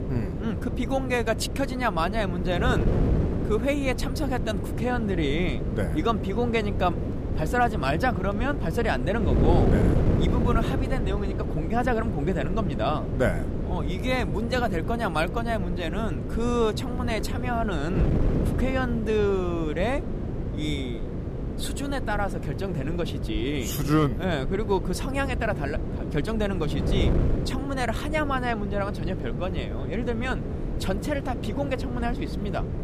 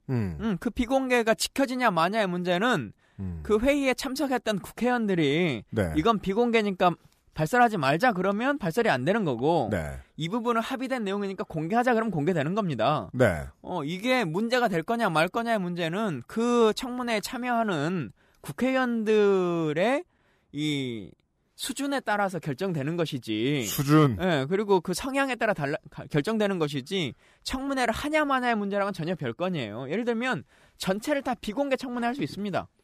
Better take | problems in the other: second | wind noise on the microphone; heavy; 7 dB below the speech

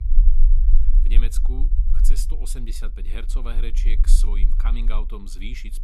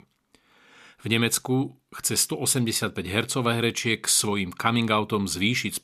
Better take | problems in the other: second | low rumble; loud; throughout; 9 dB below the speech

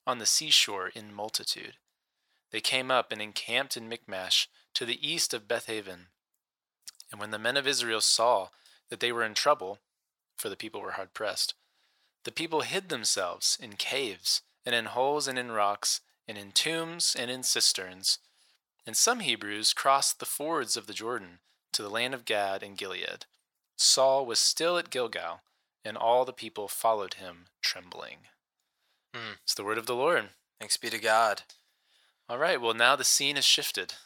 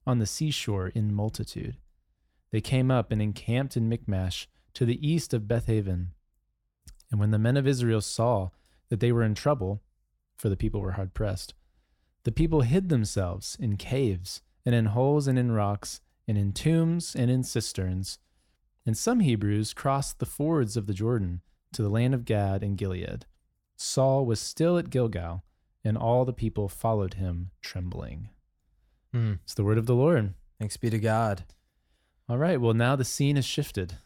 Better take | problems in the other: second | thin; very; fading below 850 Hz

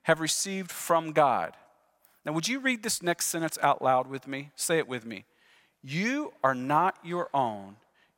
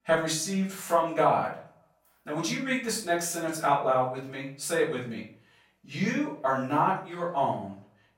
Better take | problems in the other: first | off-mic speech; far // room echo; noticeable; dies away in 0.4 s

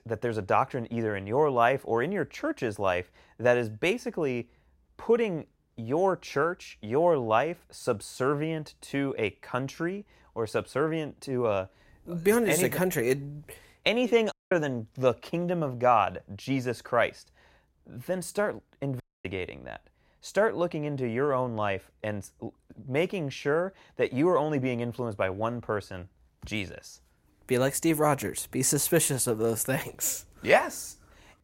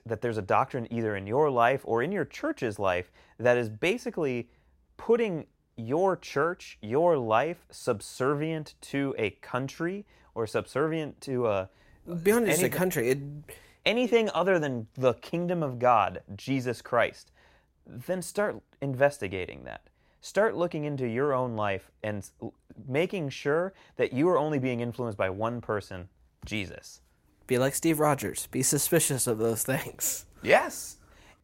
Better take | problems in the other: second | audio cutting out; at 14 s and at 19 s

